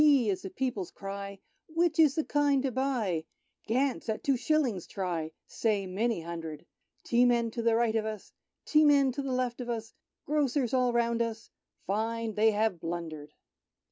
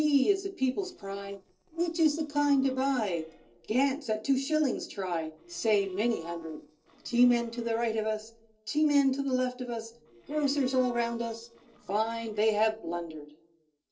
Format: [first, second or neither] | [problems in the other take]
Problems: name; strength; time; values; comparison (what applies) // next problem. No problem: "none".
first | noise reduction (neural separator model SepFormer DNS4)